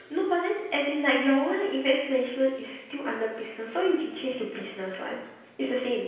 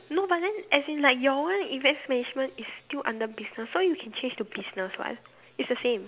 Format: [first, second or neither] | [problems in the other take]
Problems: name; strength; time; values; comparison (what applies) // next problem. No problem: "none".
second | room echo; dies away in 0.9 s